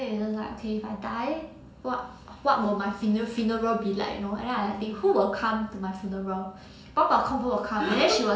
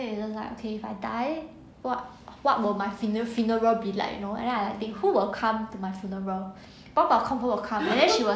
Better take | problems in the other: second | room echo; dies away in 0.4 s

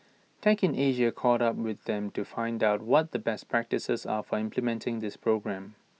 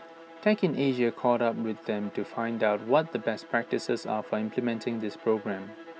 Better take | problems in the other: first | background sound (Bowed string instrument); 18 dB below the speech

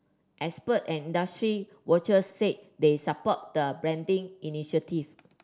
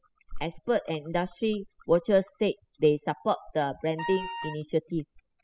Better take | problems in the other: first | noise reduction (classical method spectral subtraction)

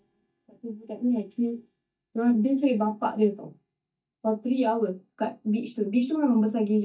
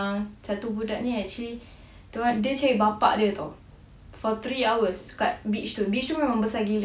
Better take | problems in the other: second | noise reduction (neural mask model DeepFilterNet 3)

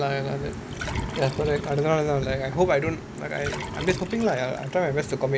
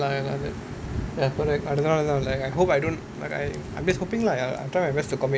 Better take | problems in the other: second | background sound (Liquid); 15 dB below the speech

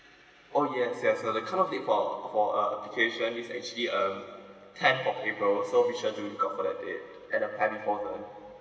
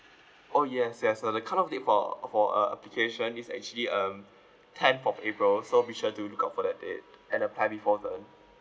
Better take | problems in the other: second | room echo; dies away in 1.9 s

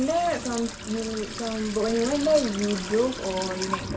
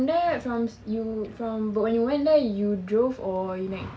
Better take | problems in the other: second | background sound (Sink (filling or washing) / Water tap, faucet); 8 dB below the speech

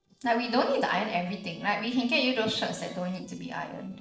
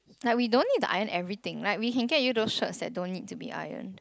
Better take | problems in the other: second | noise reduction (neural separator model SepFormer DNS4)

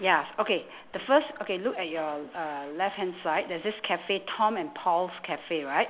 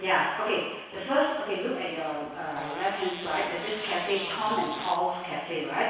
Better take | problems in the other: first | background sound (Fart); 11 dB below the speech // room echo; dies away in 1.1 s

